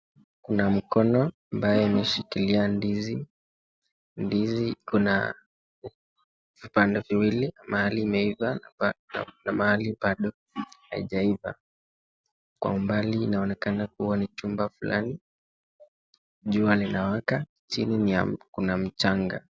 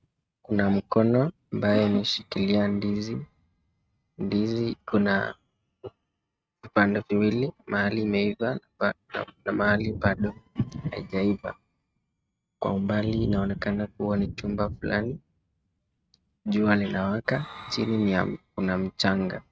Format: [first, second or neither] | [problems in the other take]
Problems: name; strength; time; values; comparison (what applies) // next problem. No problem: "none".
first | noise reduction (neural mask model RNNoise)